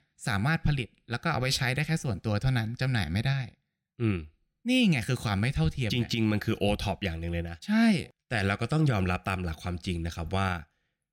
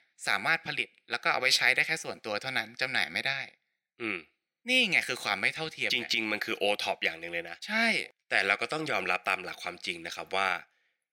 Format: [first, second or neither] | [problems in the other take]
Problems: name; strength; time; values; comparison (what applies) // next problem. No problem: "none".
first | thin; very; fading below 500 Hz